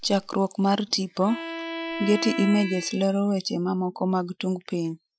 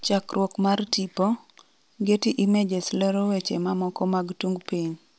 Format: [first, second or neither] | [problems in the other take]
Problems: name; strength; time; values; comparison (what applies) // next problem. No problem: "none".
second | noise reduction (classical method Wiener filter)